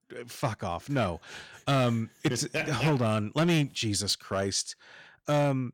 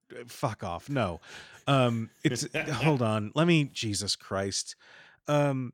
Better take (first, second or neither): second